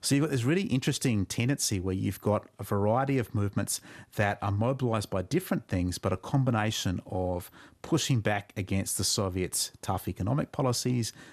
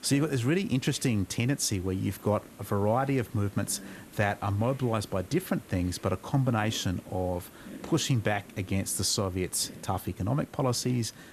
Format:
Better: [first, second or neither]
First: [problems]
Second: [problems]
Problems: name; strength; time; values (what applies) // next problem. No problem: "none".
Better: first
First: none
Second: hiss; noticeable; throughout; 20 dB below the speech